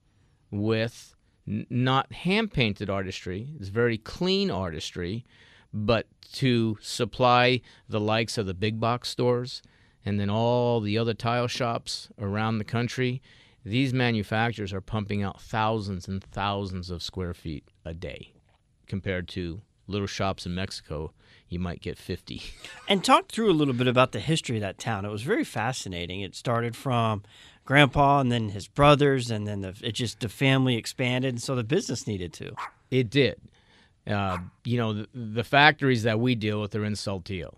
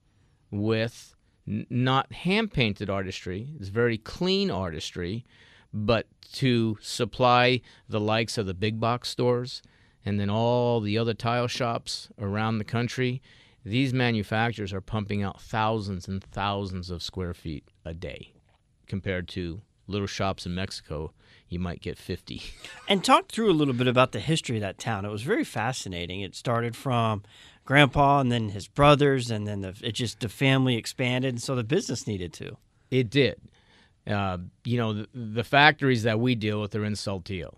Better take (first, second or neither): second